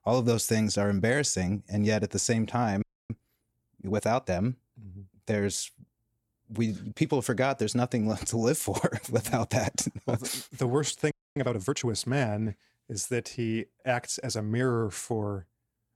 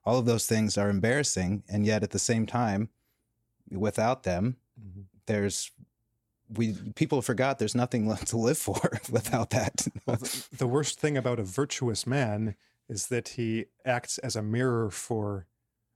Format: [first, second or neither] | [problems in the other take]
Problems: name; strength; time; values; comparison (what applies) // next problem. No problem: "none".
second | audio freezing; at 3 s and at 11 s